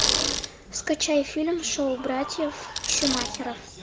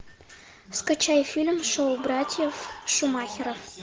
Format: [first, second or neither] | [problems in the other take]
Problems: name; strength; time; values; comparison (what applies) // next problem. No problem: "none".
second | background sound (Bicycle); 3 dB below the speech